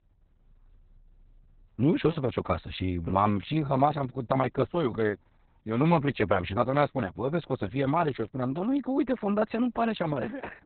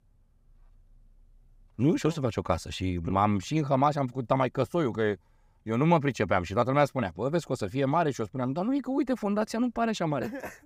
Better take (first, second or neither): second